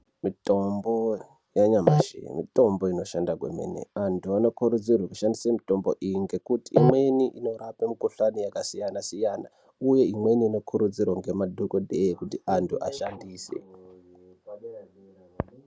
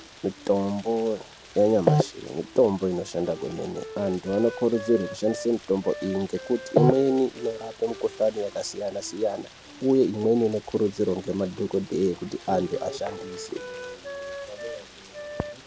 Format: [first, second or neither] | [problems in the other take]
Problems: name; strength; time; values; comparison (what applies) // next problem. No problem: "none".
first | background sound (Wind instrument, woodwind instrument + Rain); 15 dB below the speech